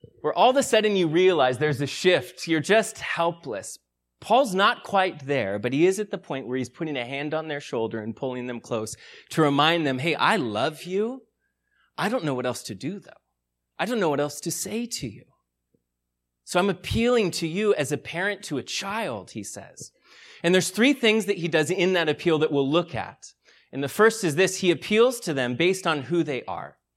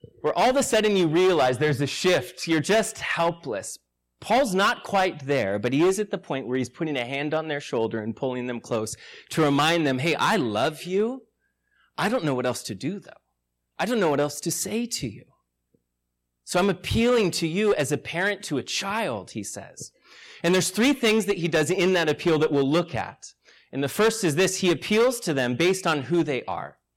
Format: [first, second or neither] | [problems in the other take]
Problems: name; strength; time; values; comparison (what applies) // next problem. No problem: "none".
first | distortion; slight; 6% of the sound clipped